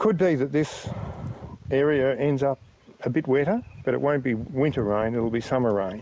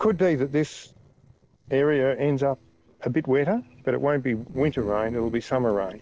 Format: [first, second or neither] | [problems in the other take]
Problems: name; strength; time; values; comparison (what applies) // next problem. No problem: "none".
first | noise reduction (neural separator model SepFormer DNS4)